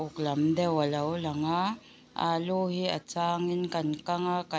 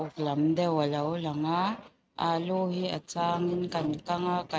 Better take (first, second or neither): first